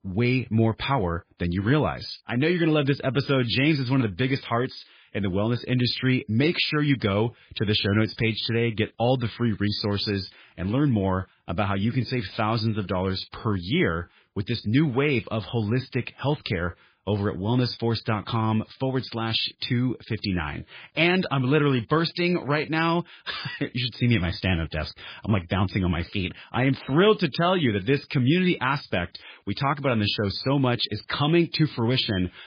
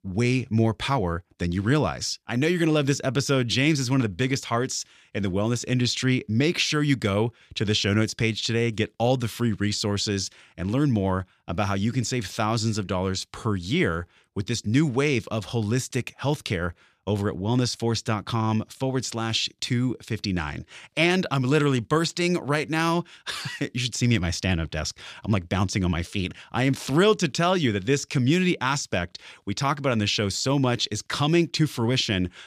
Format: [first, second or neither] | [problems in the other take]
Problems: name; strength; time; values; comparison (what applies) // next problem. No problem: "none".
second | garbled, watery; badly